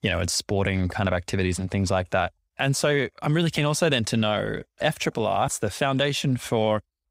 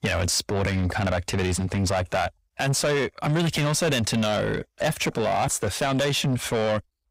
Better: first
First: none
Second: distortion; heavy; 7 dB below the speech

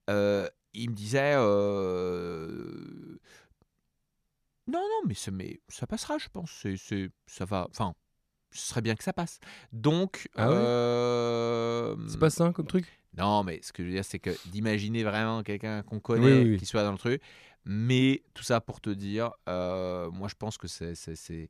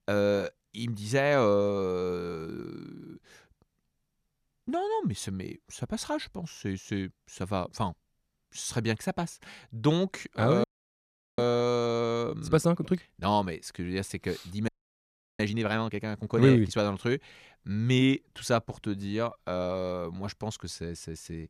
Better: first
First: none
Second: audio freezing; at 11 s for 0.5 s and at 15 s for 0.5 s

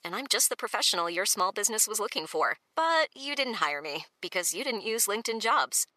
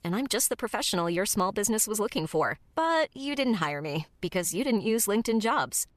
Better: second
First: thin; somewhat; fading below 450 Hz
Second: none

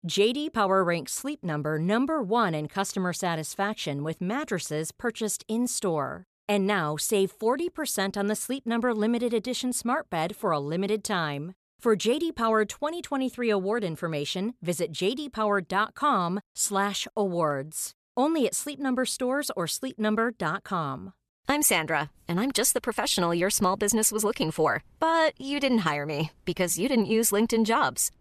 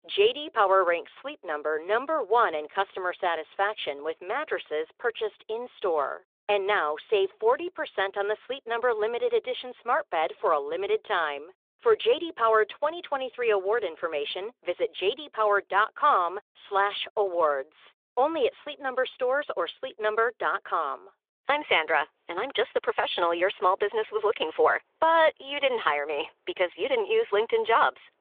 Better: first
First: none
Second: phone-call audio

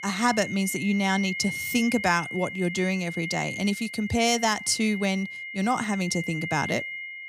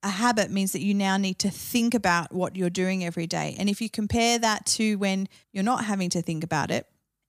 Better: second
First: high-pitched whine; loud; throughout; 2 kHz, 7 dB below the speech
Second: none

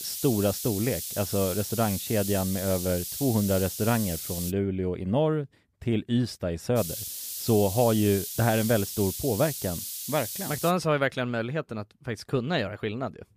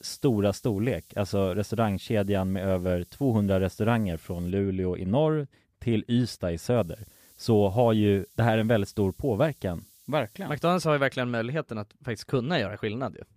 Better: second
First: hiss; loud; until 4.5 s and from 7 to 11 s; 5 dB below the speech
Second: hiss; faint; until 4.5 s and from 7 to 11 s; 25 dB below the speech

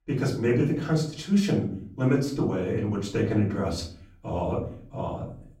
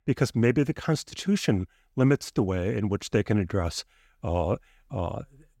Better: second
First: off-mic speech; far // room echo; slight; dies away in 0.4 s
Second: none

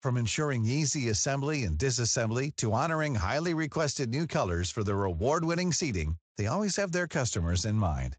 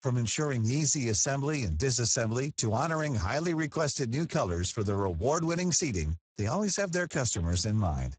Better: first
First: garbled, watery; slightly; nothing above 7.5 kHz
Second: garbled, watery; badly; nothing above 7.5 kHz

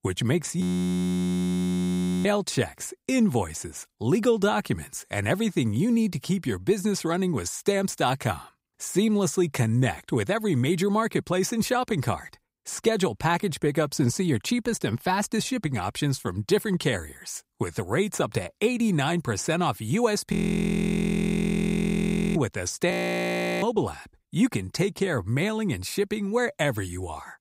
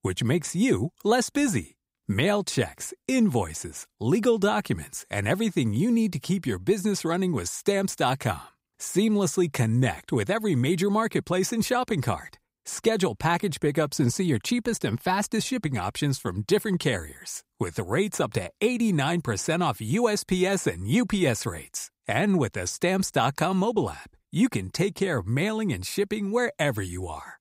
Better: second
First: audio freezing; at 0.5 s for 1.5 s, at 20 s for 2 s and at 23 s for 0.5 s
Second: none

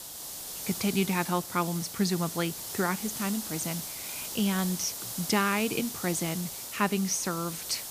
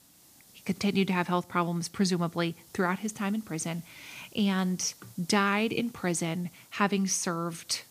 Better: second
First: hiss; loud; throughout; 5 dB below the speech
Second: hiss; faint; throughout; 25 dB below the speech

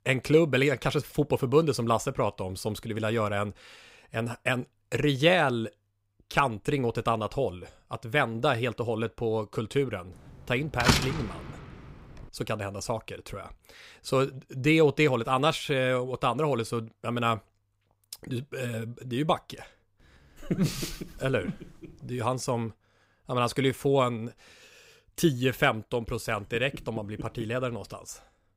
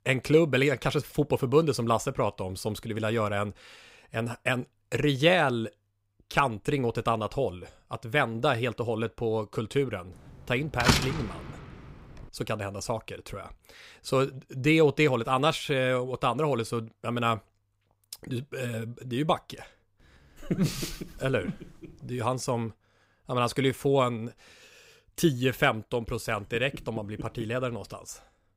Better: neither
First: door banging; loud; at 11 s; peak 4 dB above the speech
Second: door banging; loud; at 11 s; peak 4 dB above the speech

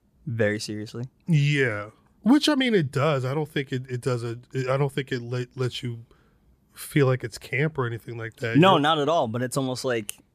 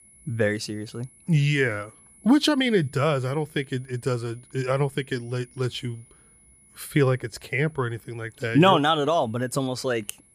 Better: first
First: none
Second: high-pitched whine; faint; throughout; 10.5 kHz, 30 dB below the speech

